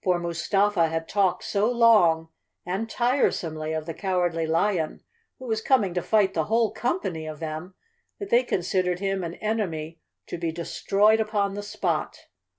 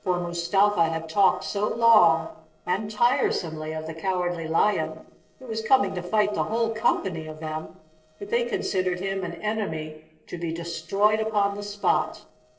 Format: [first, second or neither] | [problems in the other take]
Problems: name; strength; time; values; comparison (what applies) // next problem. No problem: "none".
first | noise reduction (neural separator model SepFormer DNS4)